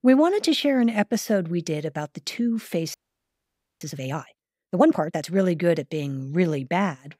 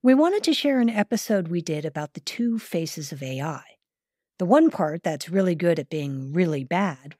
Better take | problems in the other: second | audio freezing; at 3 s for 1 s

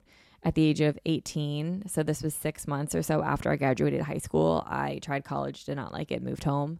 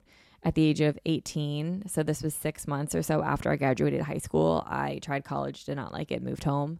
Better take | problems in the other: neither | none

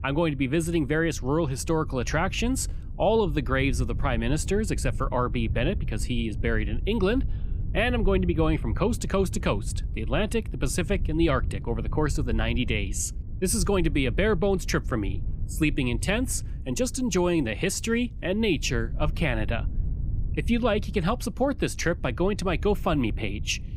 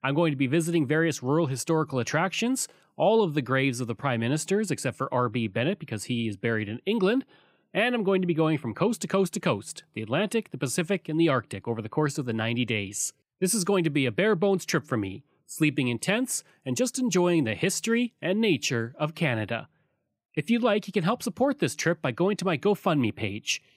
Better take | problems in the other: second | wind noise on the microphone; occasional gusts; 20 dB below the speech

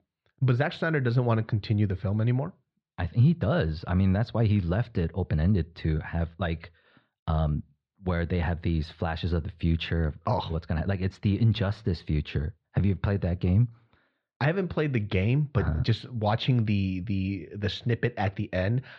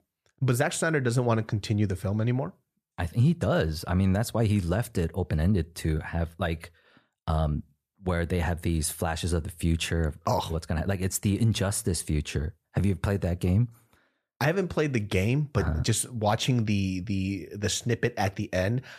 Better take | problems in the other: second | muffled; slightly; fading above 4 kHz

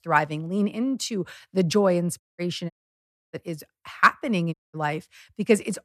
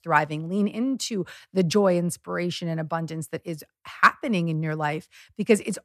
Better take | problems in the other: second | audio cutting out; at 2 s, at 2.5 s for 0.5 s and at 4.5 s

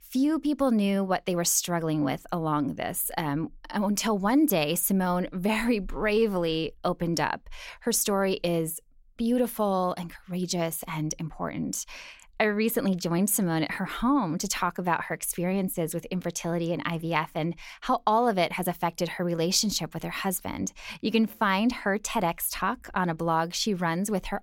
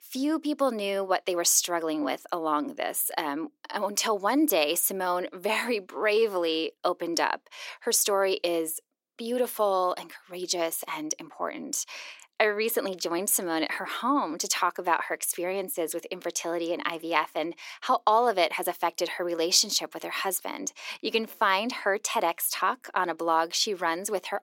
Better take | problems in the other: first | thin; somewhat; fading below 350 Hz

